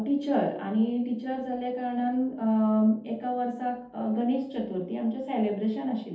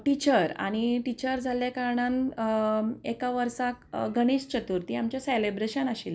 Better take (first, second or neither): second